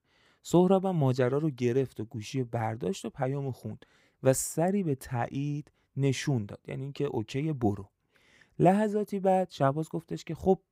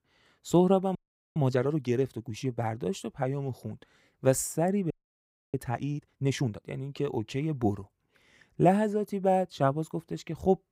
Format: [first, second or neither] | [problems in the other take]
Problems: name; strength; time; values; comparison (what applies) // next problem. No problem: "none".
first | audio freezing; at 1 s and at 5 s for 0.5 s